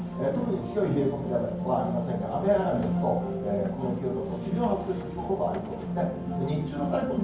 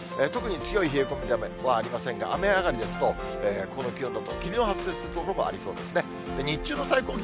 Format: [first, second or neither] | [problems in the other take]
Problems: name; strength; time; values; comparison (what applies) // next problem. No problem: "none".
second | background sound (Accelerating, revving, vroom); 18 dB below the speech // room echo; dies away in 0.9 s